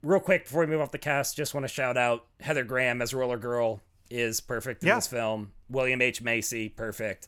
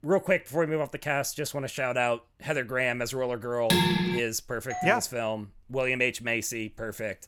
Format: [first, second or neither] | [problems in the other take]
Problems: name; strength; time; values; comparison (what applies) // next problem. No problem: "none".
first | clattering dishes; loud; at 3.5 s; peak 6 dB above the speech // doorbell; noticeable; at 4.5 s; peak 4 dB below the speech